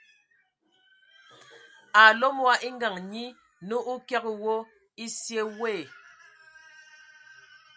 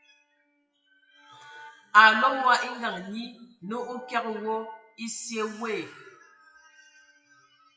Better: first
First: none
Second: noise reduction (classical method WPE with log-MMSE)

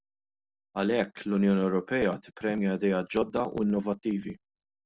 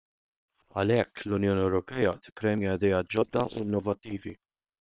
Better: first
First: none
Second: noise reduction (neural separator model SepFormer WHAM!)

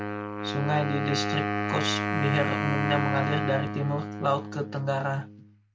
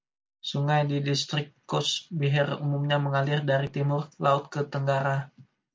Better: second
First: background sound (Wind instrument, woodwind instrument); 1 dB below the speech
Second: none

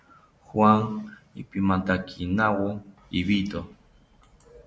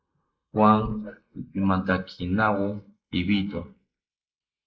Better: first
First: none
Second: noise reduction (neural mask model Resemble Enhance denoiser)

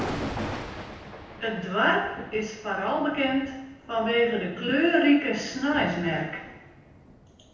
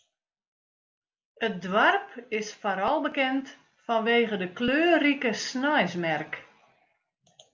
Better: second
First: background sound (Thunder); 12 dB below the speech // room echo; dies away in 0.9 s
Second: none

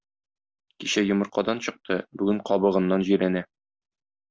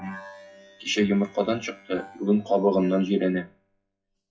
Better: first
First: none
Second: noise reduction (classical method WPE with log-MMSE)

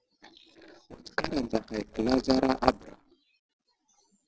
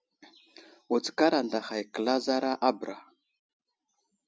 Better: second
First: noise reduction (neural separator model SepFormer DNS4)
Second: none

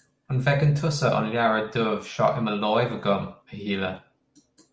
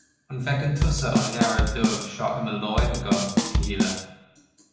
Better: first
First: none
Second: background sound (Bass drum / Snare drum / Drum kit); 3 dB above the speech // room echo; dies away in 0.9 s

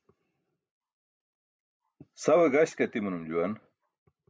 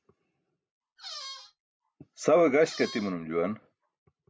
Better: first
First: none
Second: background sound (Squeak); 13 dB below the speech

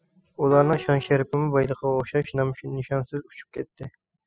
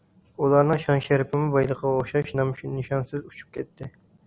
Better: second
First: noise reduction (classical method spectral subtraction)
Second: none

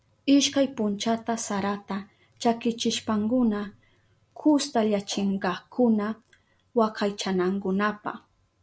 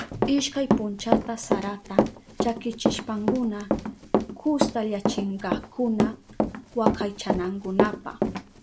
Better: first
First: none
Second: background sound (Run); 2 dB above the speech

